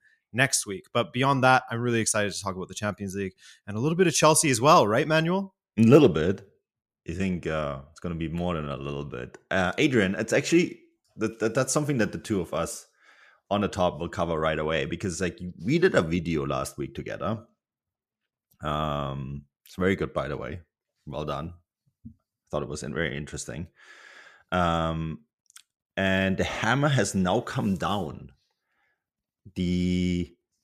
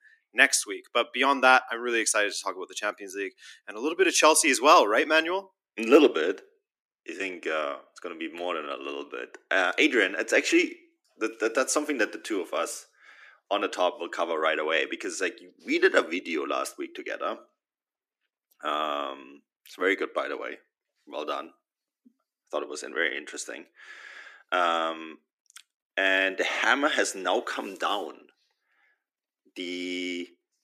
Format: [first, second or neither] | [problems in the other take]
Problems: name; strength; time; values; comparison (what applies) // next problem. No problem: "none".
first | thin; somewhat; fading below 250 Hz